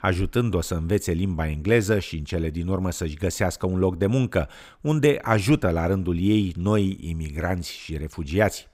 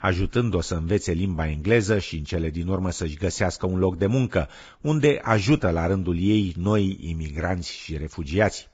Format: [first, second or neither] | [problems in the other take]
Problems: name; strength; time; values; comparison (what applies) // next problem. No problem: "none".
first | garbled, watery; badly; nothing above 7.5 kHz